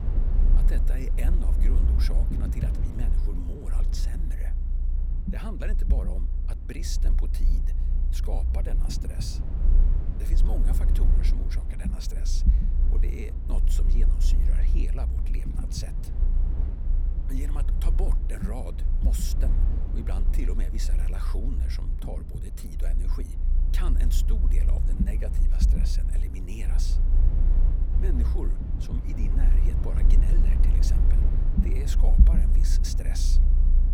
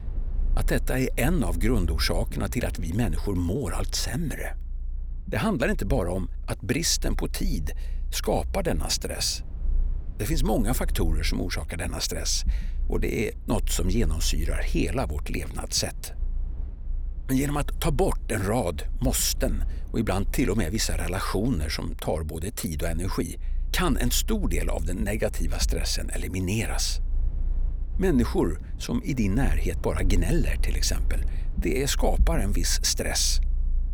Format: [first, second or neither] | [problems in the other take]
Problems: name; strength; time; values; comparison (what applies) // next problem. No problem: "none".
second | low rumble; loud; throughout; 2 dB below the speech; faint in the second